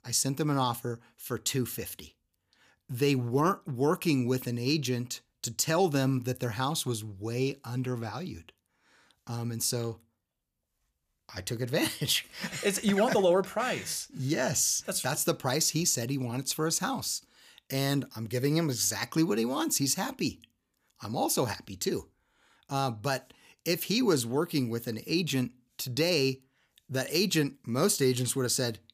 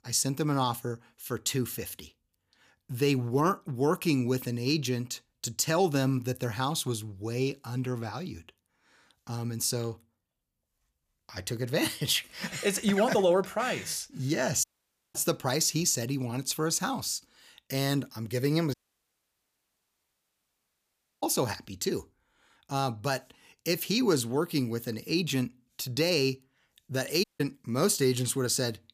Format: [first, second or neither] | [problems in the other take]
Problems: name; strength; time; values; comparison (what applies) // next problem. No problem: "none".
first | audio cutting out; at 15 s for 0.5 s, at 19 s for 2.5 s and at 27 s